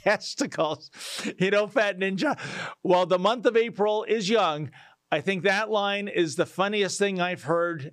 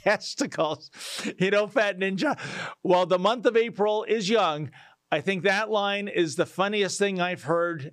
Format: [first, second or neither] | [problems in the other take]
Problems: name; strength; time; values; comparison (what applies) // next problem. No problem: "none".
neither | none